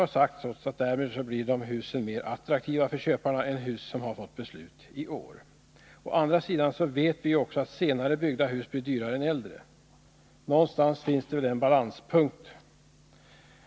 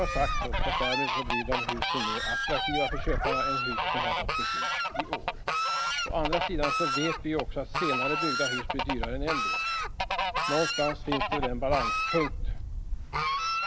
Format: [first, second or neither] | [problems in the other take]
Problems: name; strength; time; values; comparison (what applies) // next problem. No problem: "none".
first | background sound (Fowl); 4 dB above the speech